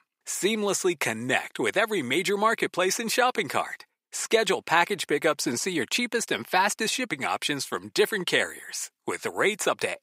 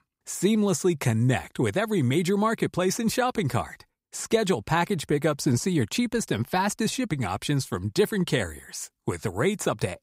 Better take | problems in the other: second | thin; somewhat; fading below 350 Hz

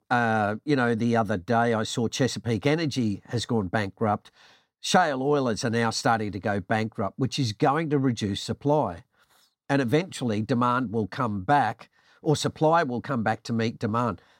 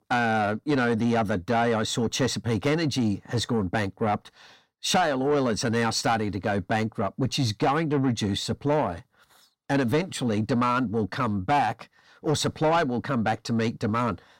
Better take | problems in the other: first | distortion; slight; 10 dB below the speech

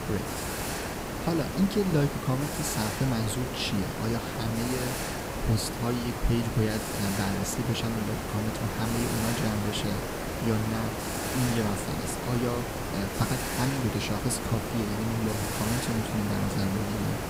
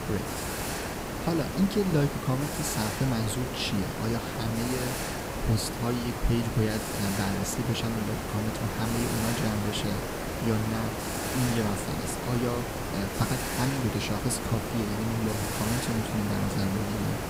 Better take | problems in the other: neither | hiss; loud; throughout; 2 dB below the speech; the same in both

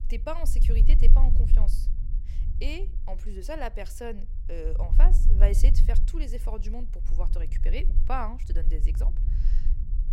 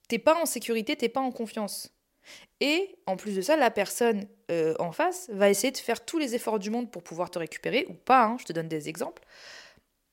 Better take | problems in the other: second | low rumble; noticeable; throughout; 10 dB below the speech

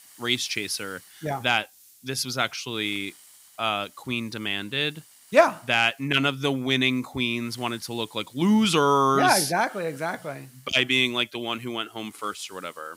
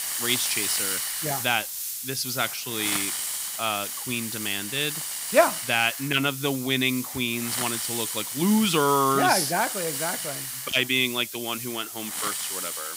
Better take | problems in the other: first | hiss; loud; throughout; 3 dB below the speech; faint in the first

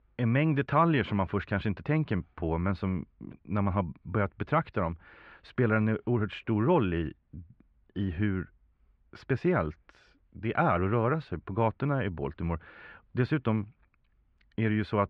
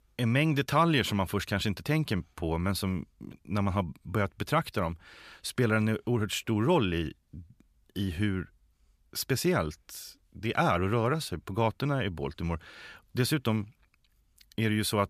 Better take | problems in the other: second | muffled; very; fading above 2 kHz

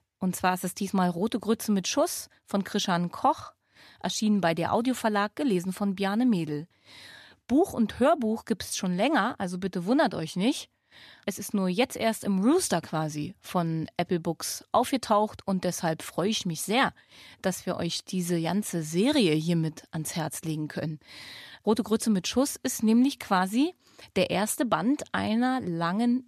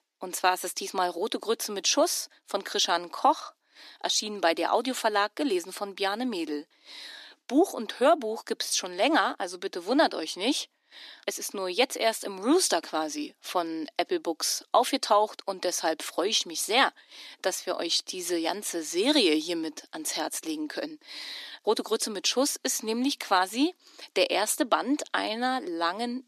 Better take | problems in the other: first | thin; somewhat; fading below 300 Hz

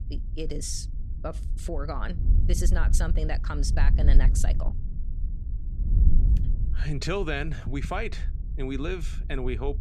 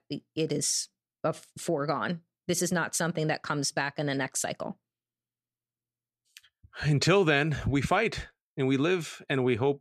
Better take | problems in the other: second | wind noise on the microphone; occasional gusts; 10 dB below the speech

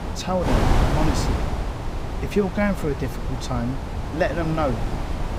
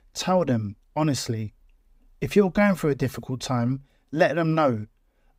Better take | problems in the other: second | wind noise on the microphone; heavy; 3 dB below the speech

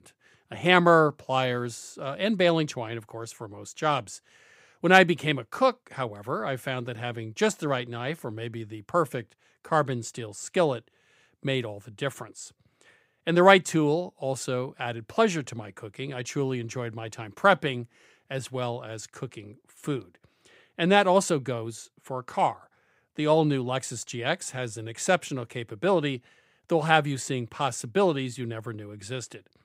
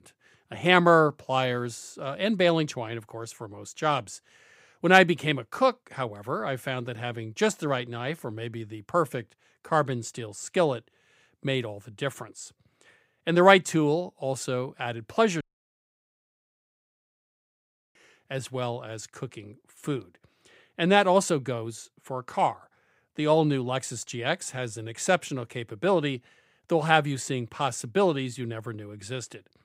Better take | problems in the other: first | audio cutting out; at 15 s for 2.5 s

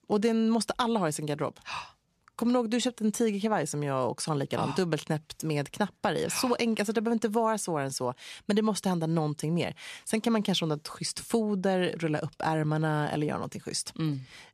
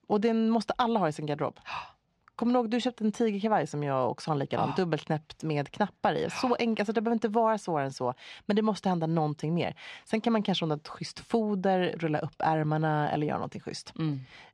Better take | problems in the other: first | muffled; slightly; fading above 4 kHz

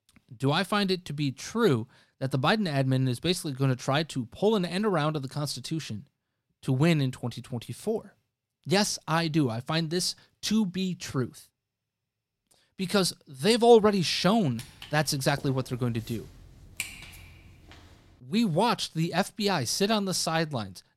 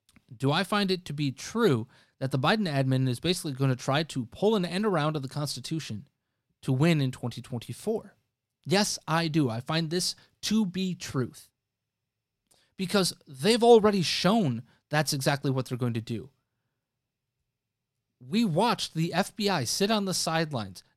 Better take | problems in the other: second | footsteps; noticeable; from 15 to 17 s; peak 9 dB below the speech

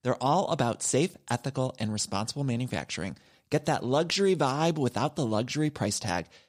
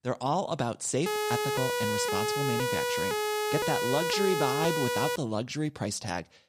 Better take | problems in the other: first | siren; loud; from 1 to 5 s; peak 3 dB above the speech

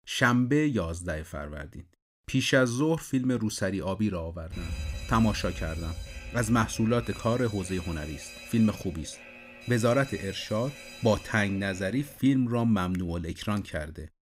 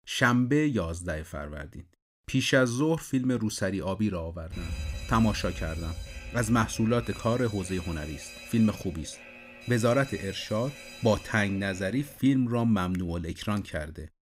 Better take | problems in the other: neither | alarm; noticeable; from 4.5 to 12 s; peak 8 dB below the speech; the same in both

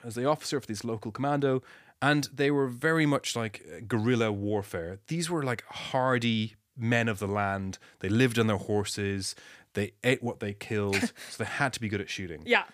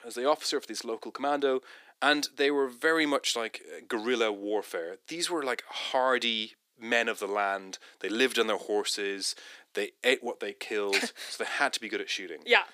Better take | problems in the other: first | thin; somewhat; fading below 300 Hz

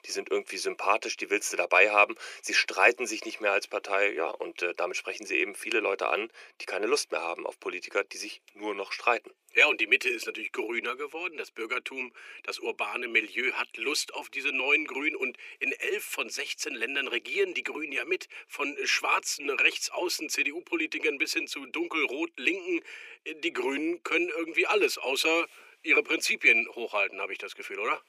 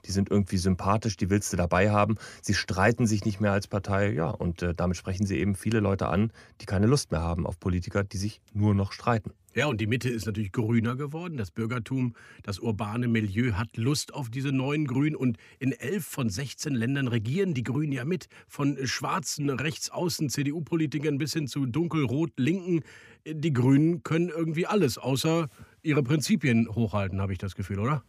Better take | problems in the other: second | thin; very; fading below 350 Hz

